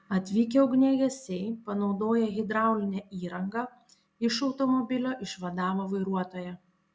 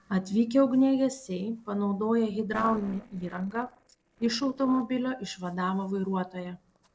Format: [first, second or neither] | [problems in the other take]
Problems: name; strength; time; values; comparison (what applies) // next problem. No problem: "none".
first | noise reduction (neural separator model SepFormer DNS4)